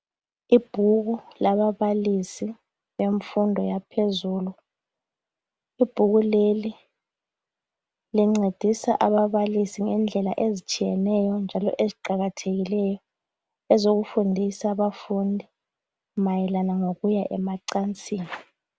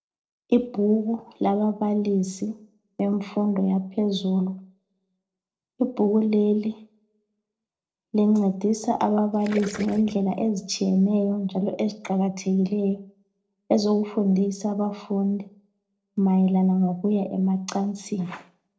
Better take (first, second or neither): first